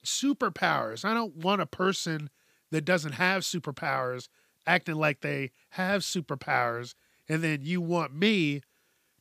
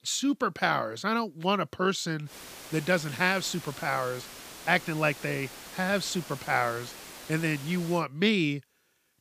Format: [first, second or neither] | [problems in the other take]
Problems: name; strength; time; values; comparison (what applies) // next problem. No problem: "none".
first | hiss; noticeable; from 2.5 to 8 s; 15 dB below the speech